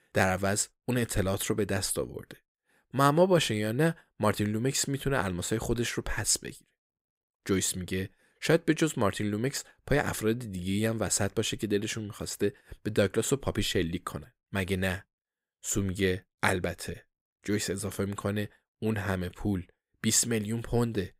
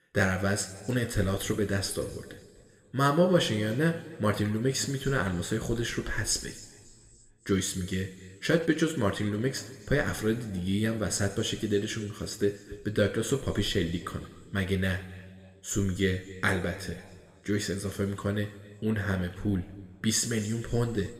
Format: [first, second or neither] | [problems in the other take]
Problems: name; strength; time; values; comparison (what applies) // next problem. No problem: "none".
first | room echo; slight; dies away in 1.5 s